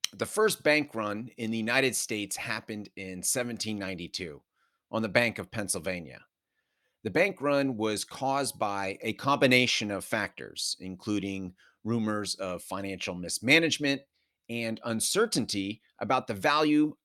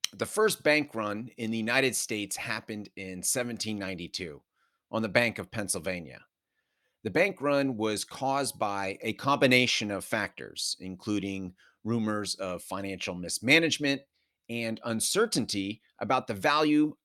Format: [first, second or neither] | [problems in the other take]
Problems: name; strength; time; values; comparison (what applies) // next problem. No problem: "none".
neither | none